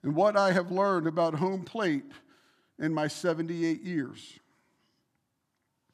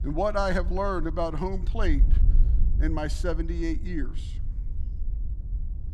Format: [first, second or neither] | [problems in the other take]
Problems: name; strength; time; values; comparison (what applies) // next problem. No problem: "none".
first | wind noise on the microphone; occasional gusts; 20 dB below the speech